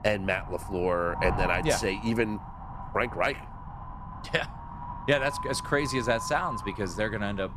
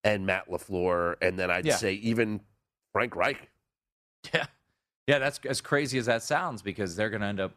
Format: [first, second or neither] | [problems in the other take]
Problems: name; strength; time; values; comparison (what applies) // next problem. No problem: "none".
second | wind noise on the microphone; heavy; 8 dB below the speech